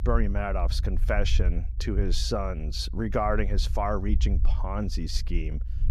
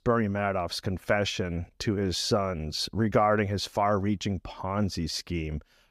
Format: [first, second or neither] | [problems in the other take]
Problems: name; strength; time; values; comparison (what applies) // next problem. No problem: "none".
second | low rumble; noticeable; throughout; 20 dB below the speech